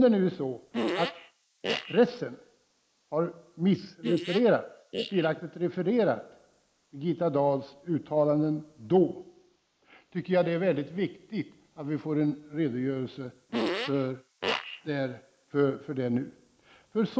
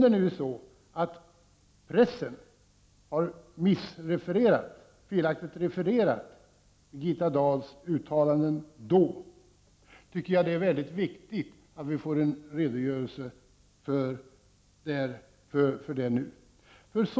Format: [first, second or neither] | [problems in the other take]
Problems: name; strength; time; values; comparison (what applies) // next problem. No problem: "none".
second | noise reduction (neural mask model Resemble Enhance denoiser)